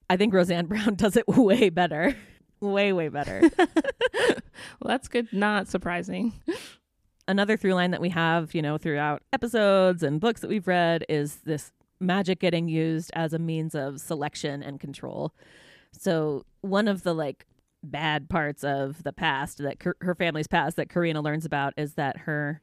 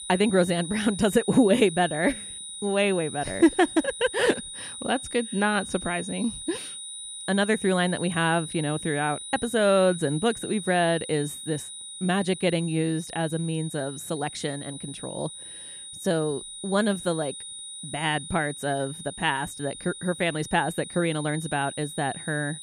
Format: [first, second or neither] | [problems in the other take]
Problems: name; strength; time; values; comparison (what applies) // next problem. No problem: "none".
first | high-pitched whine; noticeable; throughout; 4 kHz, 10 dB below the speech